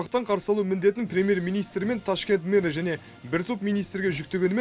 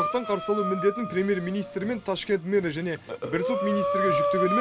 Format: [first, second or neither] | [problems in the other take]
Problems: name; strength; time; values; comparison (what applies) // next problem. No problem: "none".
first | background sound (Breathing); 2 dB below the speech